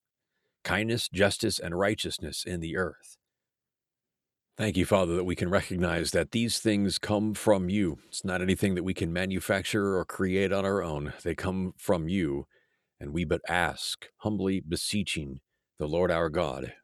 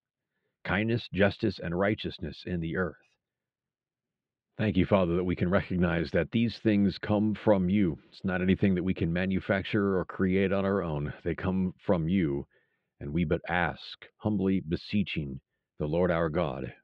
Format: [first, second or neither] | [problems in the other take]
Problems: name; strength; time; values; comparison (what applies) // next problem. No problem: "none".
first | muffled; slightly; fading above 3 kHz